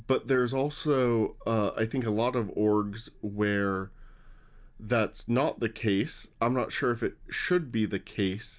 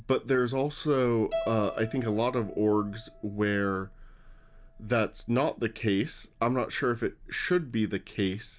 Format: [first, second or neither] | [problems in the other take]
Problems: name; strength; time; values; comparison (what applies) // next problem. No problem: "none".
first | background sound (Keyboard (musical)); 16 dB below the speech